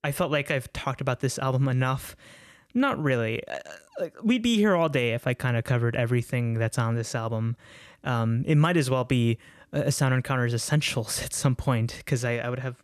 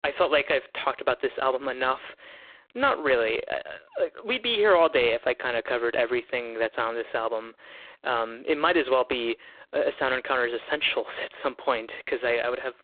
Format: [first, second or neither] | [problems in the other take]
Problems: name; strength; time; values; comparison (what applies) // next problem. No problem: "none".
first | phone-call audio; poor line